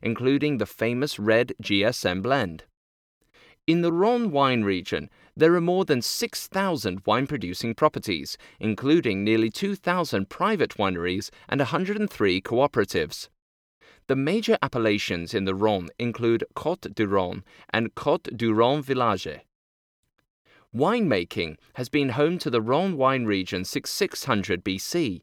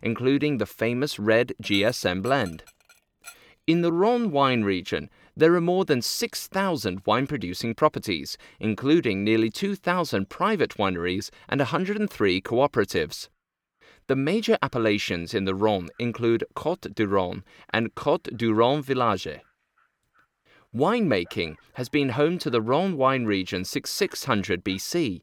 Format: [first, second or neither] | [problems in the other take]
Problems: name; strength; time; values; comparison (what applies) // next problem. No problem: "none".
first | animal sounds; faint; throughout; 30 dB below the speech